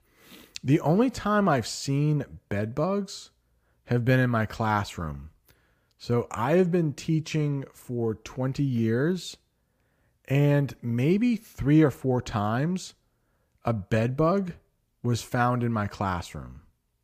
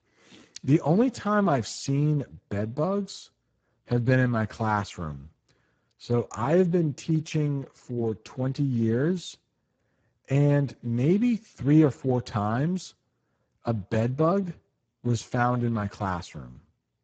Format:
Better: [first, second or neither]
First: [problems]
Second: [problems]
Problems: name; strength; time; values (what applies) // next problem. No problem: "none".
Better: first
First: none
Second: garbled, watery; badly; nothing above 7.5 kHz